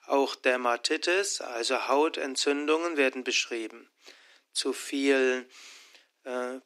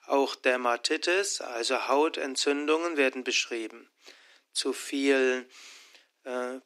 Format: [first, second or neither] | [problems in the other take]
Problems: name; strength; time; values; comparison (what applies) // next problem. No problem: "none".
neither | thin; very slightly; fading below 250 Hz; the same in both